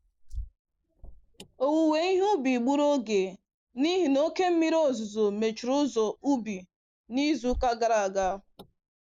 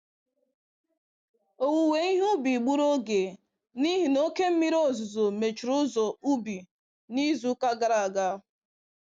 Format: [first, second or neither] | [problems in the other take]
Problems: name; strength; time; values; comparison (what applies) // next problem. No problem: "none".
second | noise reduction (neural mask model Resemble Enhance denoiser)